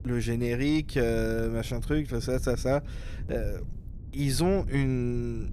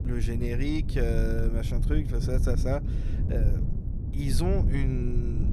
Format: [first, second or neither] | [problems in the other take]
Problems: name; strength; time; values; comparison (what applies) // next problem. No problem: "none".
first | low rumble; loud; throughout; 7 dB below the speech; faint in the first